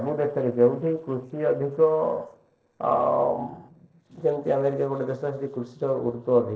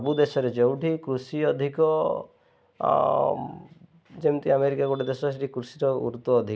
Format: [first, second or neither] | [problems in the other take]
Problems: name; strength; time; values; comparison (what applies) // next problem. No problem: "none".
second | noise reduction (neural separator model SepFormer DNS4)